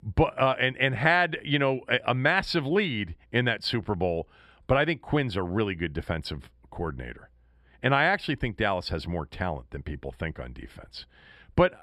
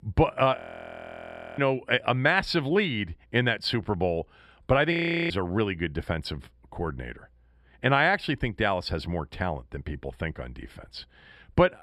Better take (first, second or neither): first